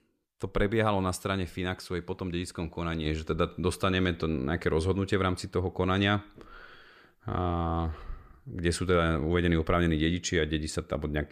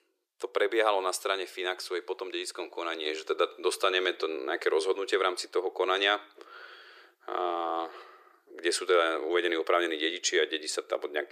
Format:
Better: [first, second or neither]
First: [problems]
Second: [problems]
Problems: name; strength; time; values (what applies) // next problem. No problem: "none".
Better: first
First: none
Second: thin; very; fading below 350 Hz